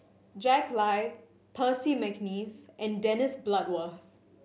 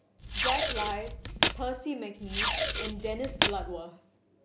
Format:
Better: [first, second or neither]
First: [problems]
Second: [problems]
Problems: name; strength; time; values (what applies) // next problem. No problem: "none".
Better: first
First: none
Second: background sound (Packing tape, duct tape); 5 dB above the speech